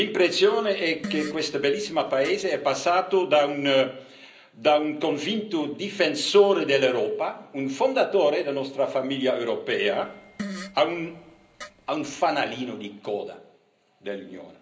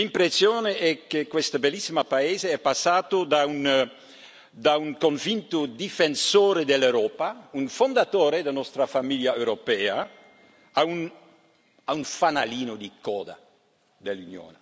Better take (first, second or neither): second